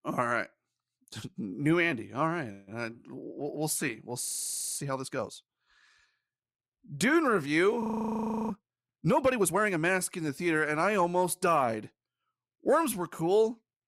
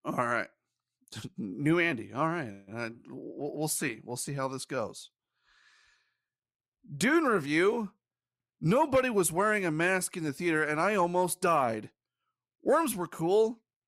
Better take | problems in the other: second | audio freezing; at 4 s for 0.5 s and at 8 s for 0.5 s

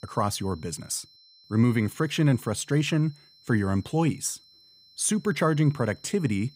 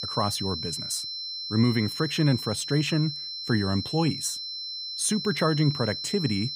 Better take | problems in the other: first | high-pitched whine; loud; throughout; 4 kHz, 5 dB below the speech; faint in the first

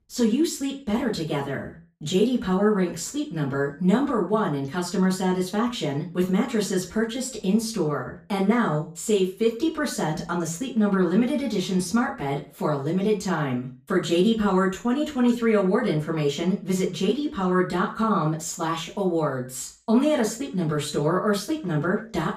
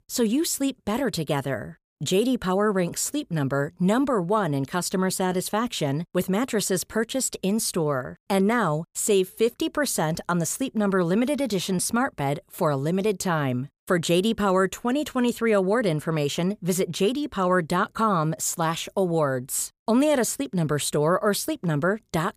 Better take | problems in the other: second | room echo; slight; dies away in 0.3 s // off-mic speech; far

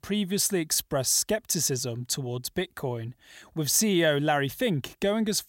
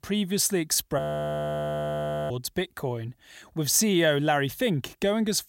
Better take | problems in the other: first | audio freezing; at 1 s for 1.5 s

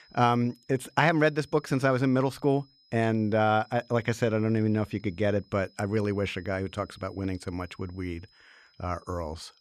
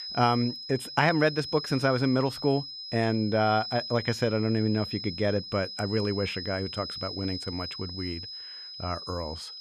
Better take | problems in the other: first | high-pitched whine; loud; throughout; 5 kHz, 8 dB below the speech; faint in the first

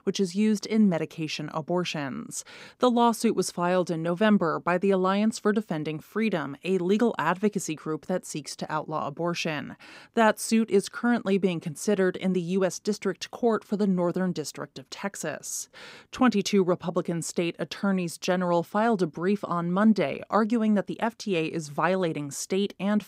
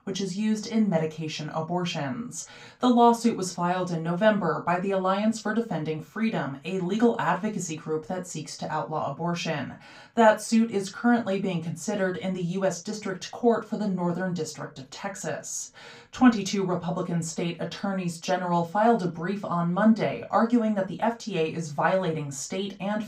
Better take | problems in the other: first | room echo; slight; dies away in 0.2 s // off-mic speech; far

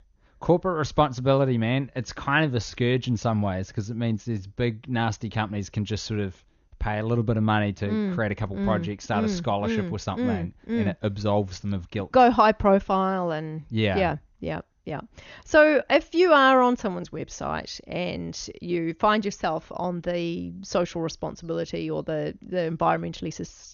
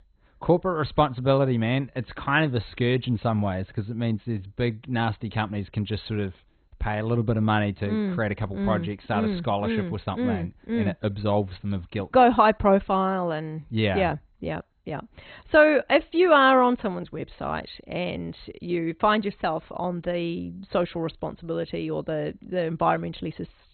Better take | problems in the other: first | garbled, watery; badly; nothing above 4 kHz; slightly in the first

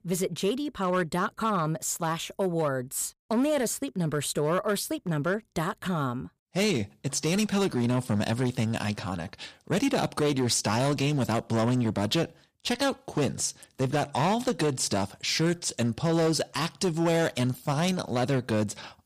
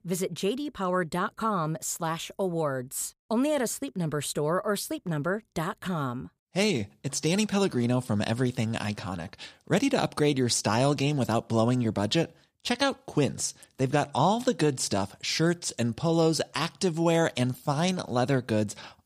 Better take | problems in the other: second | distortion; slight; 8% of the sound clipped

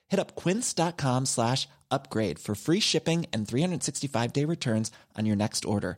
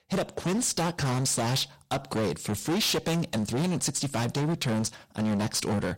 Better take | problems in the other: first | distortion; heavy; 26% of the sound clipped

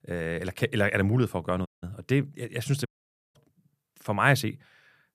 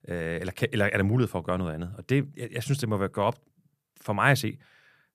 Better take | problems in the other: second | audio cutting out; at 1.5 s and at 3 s

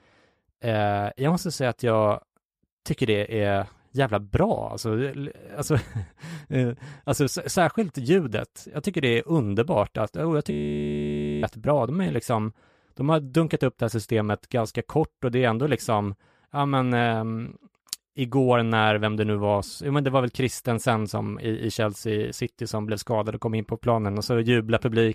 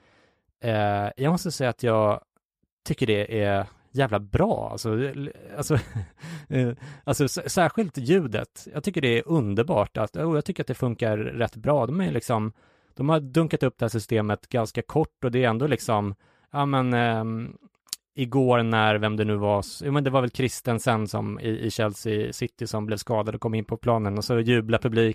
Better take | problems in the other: second | audio freezing; at 11 s for 1 s

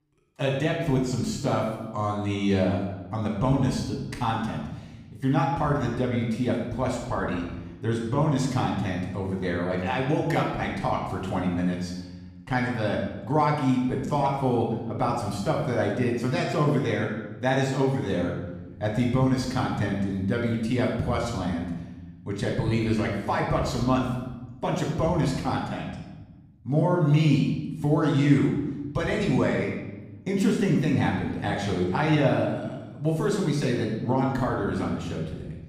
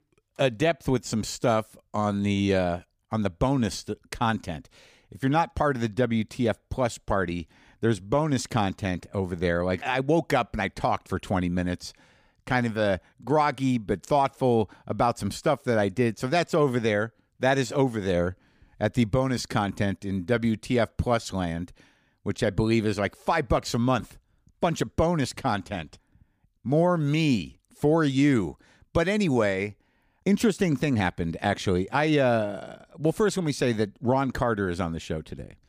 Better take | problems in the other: second | off-mic speech; far // room echo; noticeable; dies away in 1.1 s

